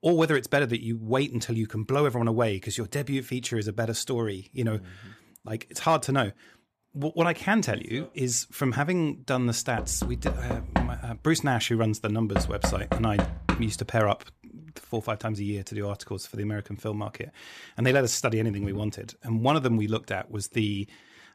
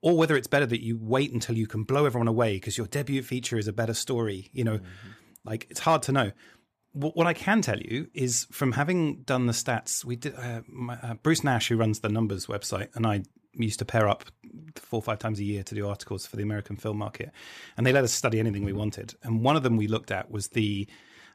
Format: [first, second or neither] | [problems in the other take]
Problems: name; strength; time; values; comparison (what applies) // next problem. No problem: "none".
second | door banging; noticeable; from 10 to 14 s; peak level with the speech